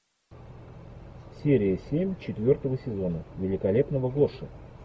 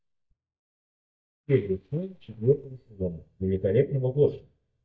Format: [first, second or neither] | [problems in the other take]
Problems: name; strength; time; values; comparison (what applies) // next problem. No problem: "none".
first | noise reduction (neural mask model DeepFilterNet 3)